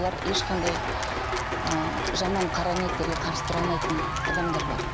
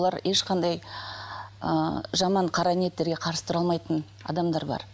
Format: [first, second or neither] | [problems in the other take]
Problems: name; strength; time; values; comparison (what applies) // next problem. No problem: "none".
second | background sound (Applause / Cheering + Rain); 2 dB above the speech